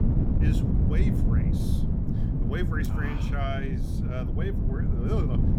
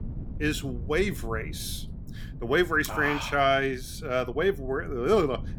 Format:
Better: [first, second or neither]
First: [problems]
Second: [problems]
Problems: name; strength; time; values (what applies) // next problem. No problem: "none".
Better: second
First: wind noise on the microphone; heavy; as loud as the speech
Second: wind noise on the microphone; occasional gusts; 25 dB below the speech